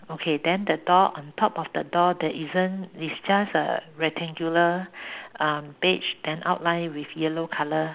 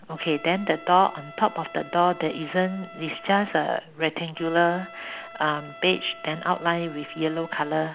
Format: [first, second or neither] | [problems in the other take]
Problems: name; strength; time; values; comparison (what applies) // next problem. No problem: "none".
first | background sound (Trumpet); 18 dB below the speech